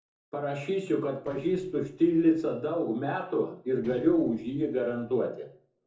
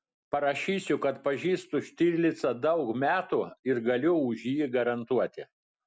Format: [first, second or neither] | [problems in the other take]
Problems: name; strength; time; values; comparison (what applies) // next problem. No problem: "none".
second | noise reduction (neural separator model SepFormer DNS4)